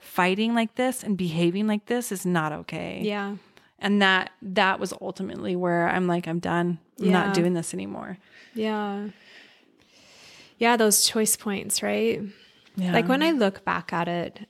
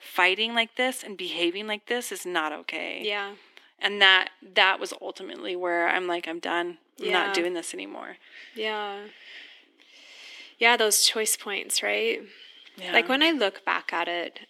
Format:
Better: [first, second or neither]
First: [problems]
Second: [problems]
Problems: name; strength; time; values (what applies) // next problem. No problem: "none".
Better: first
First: none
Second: thin; somewhat; fading below 300 Hz